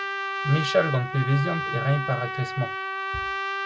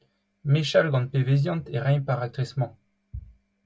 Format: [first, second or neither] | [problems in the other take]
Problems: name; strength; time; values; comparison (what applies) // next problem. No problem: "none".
second | background sound (Trumpet); 3 dB below the speech